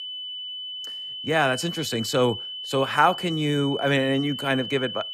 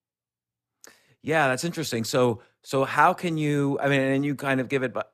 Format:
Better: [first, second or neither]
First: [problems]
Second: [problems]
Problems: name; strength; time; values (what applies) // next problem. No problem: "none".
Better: second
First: high-pitched whine; loud; throughout; 3 kHz, 8 dB below the speech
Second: none